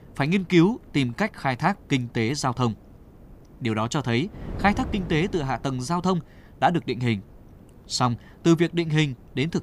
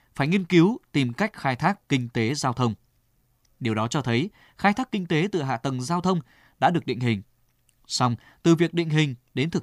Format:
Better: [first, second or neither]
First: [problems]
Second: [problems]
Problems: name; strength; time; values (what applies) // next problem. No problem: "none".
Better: second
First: wind noise on the microphone; occasional gusts; 25 dB below the speech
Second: none